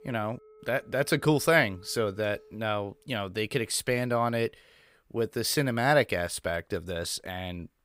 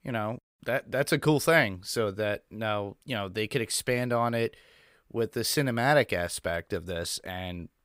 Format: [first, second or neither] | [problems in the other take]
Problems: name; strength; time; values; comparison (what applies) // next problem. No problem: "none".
second | alarms or sirens; faint; until 3 s; 25 dB below the speech